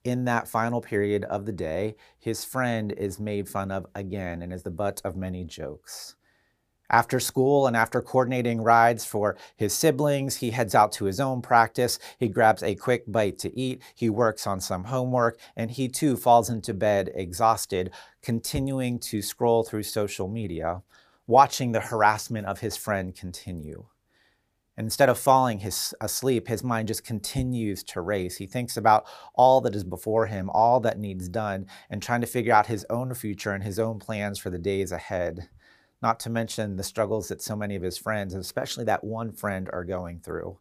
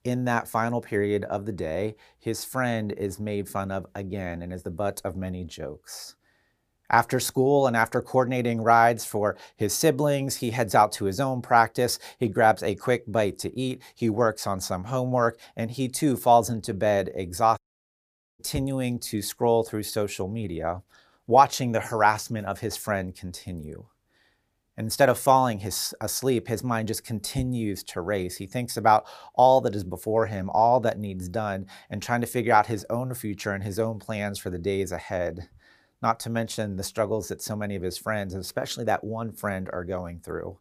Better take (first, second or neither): first